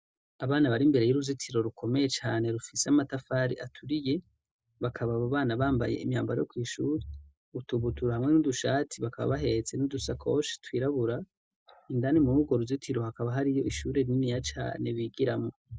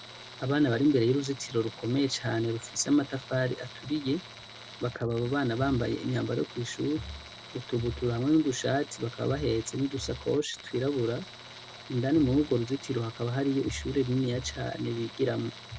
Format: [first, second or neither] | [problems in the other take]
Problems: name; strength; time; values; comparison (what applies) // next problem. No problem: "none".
first | background sound (Tools); 17 dB below the speech